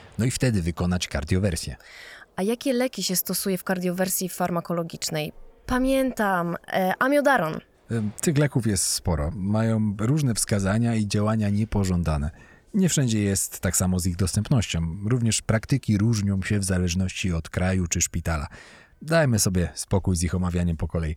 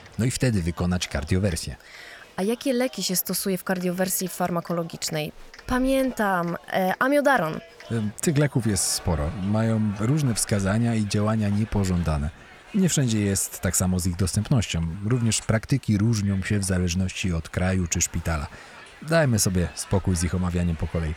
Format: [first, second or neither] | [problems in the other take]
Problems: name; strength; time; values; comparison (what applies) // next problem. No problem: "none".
first | crowd noise; faint; throughout; 20 dB below the speech